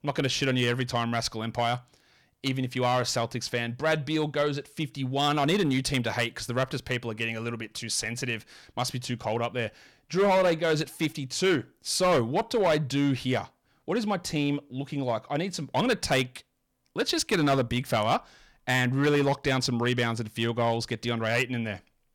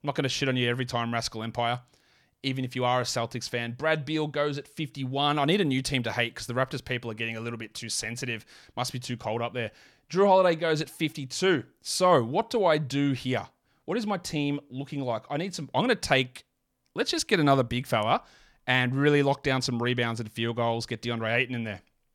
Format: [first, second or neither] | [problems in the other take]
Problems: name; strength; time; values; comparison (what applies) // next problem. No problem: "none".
second | distortion; slight; 5% of the sound clipped